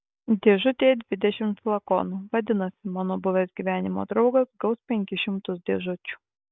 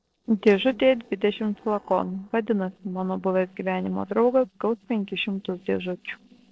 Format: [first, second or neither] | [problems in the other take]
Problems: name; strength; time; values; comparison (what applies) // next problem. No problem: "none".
first | noise reduction (neural separator model SepFormer DNS4)